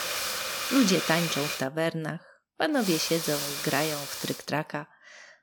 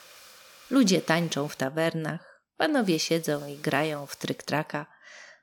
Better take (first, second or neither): second